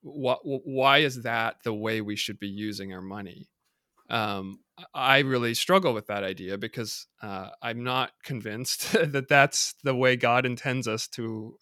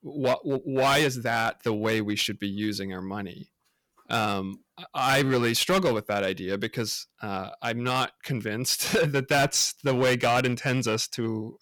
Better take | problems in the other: first | distortion; heavy; 7% of the sound clipped

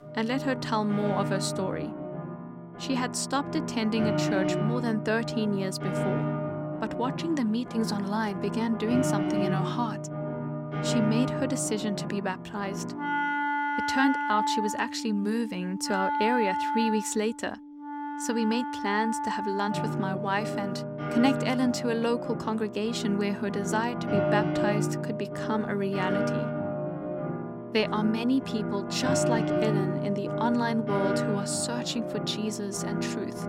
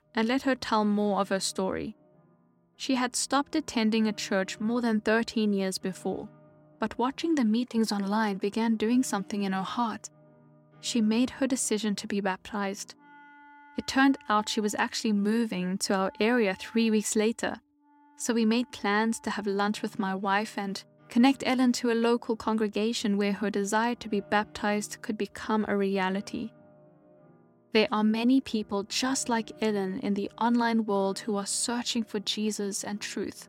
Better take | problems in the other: second | background music; loud; throughout; 2 dB below the speech; faint in the second

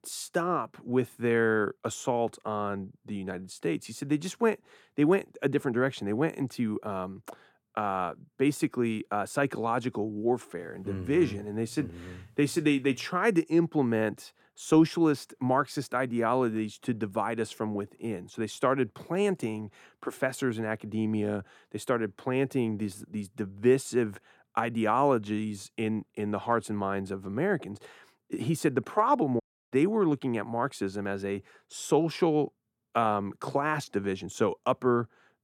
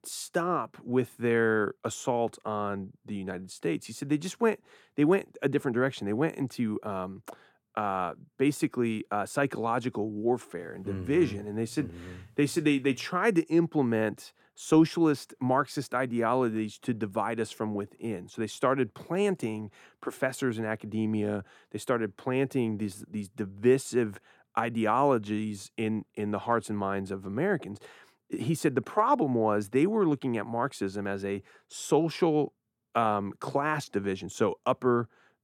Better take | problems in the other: second | audio cutting out; at 29 s

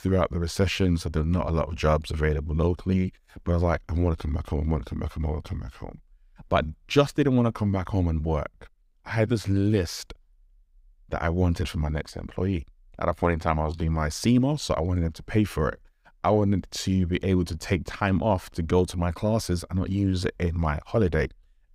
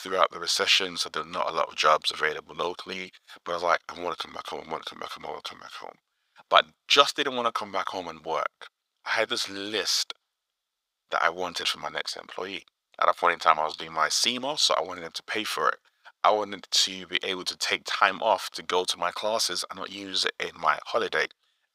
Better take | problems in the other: first | thin; very; fading below 800 Hz

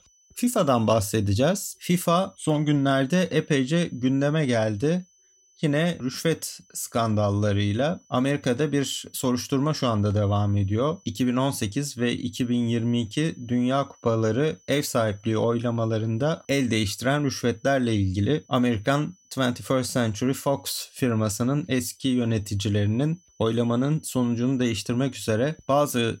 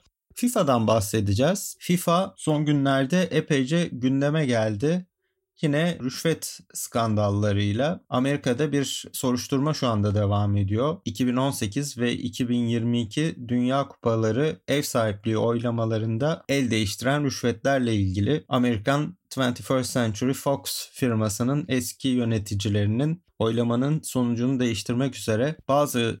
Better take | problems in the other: second | high-pitched whine; faint; throughout; 6 kHz, 30 dB below the speech

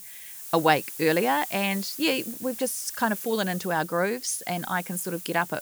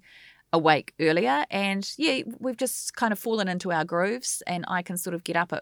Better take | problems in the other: second | hiss; loud; throughout; 10 dB below the speech

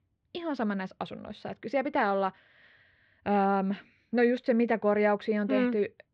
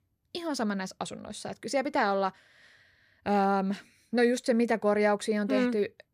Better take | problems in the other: second | muffled; slightly; fading above 3 kHz

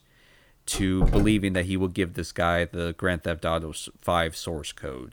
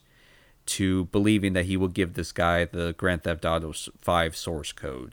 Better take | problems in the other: second | door banging; noticeable; at 0.5 s; peak level with the speech

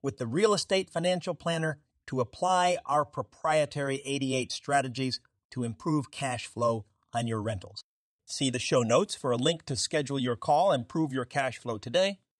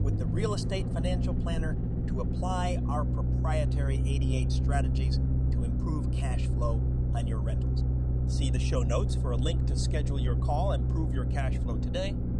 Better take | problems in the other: first | low rumble; loud; throughout; 4 dB below the speech

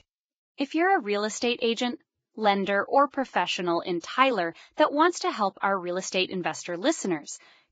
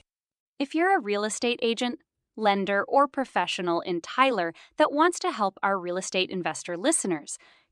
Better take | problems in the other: second | garbled, watery; badly; nothing above 7.5 kHz

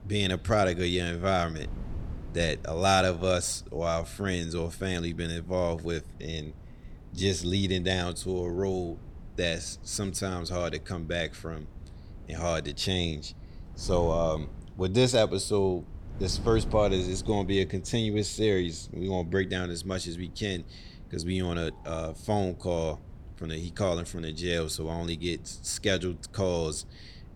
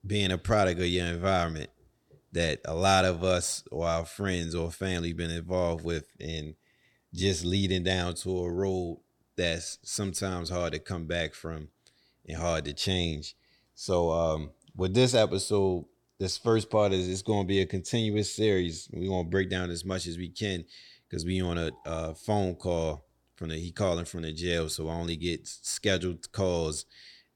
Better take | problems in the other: second | wind noise on the microphone; occasional gusts; 25 dB below the speech

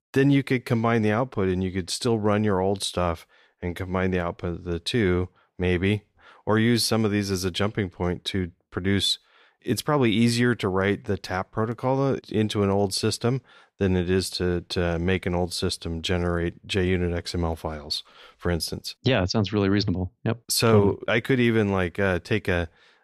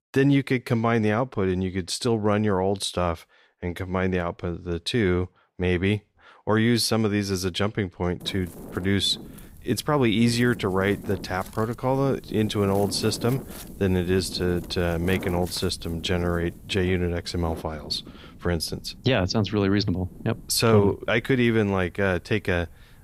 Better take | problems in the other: first | wind noise on the microphone; occasional gusts; from 8 s on; 15 dB below the speech

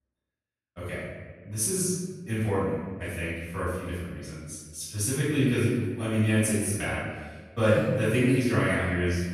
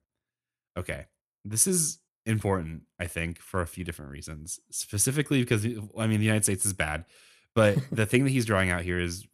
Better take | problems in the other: second | off-mic speech; far // room echo; strong; dies away in 1.3 s

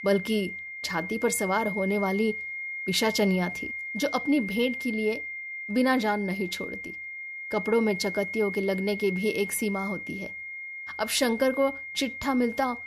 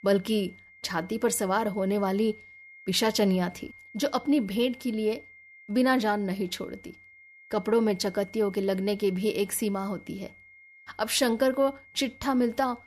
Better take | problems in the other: second | high-pitched whine; loud; throughout; 2 kHz, 6 dB below the speech; faint in the second

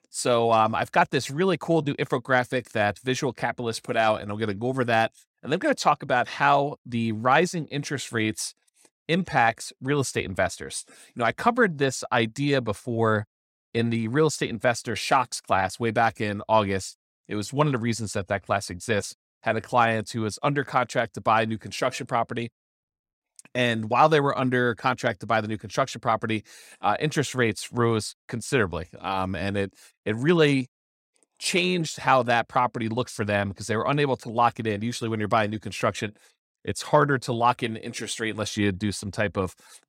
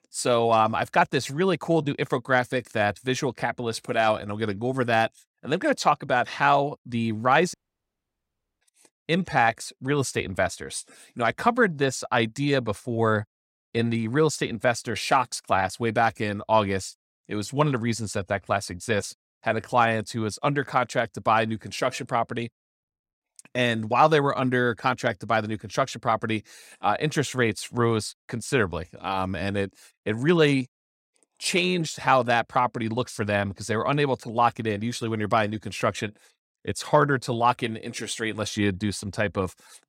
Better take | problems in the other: first | audio cutting out; at 7.5 s for 1 s

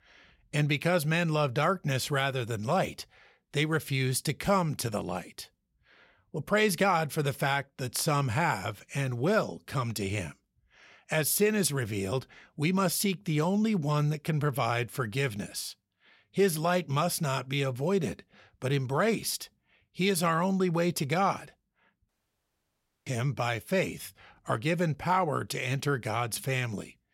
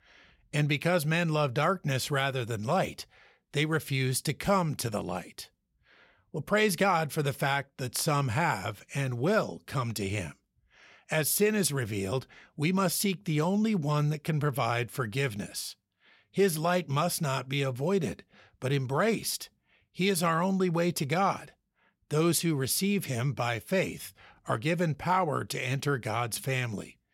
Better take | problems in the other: second | audio cutting out; at 22 s for 1 s

